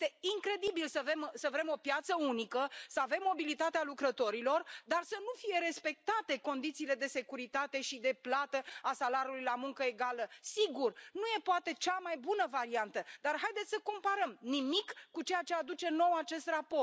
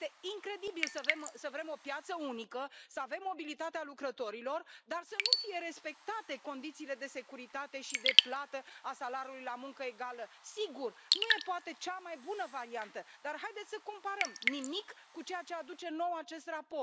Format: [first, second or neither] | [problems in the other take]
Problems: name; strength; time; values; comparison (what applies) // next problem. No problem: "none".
first | background sound (Raindrop / Drip); 1 dB above the speech